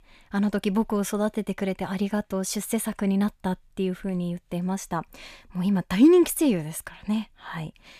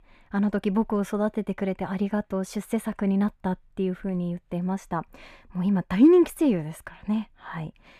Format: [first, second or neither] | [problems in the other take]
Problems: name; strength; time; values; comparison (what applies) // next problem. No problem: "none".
first | muffled; slightly; fading above 3 kHz